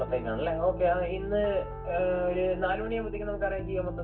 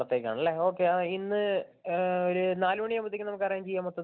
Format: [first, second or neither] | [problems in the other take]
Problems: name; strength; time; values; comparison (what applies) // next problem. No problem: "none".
second | background sound (Piano); 8 dB below the speech // room echo; dies away in 0.3 s